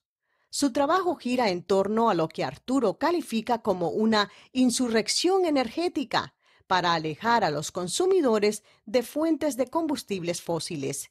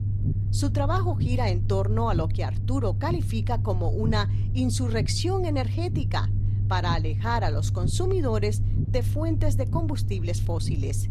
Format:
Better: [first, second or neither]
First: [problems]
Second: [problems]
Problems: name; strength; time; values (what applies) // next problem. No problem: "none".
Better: first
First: none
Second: low rumble; loud; throughout; 10 dB below the speech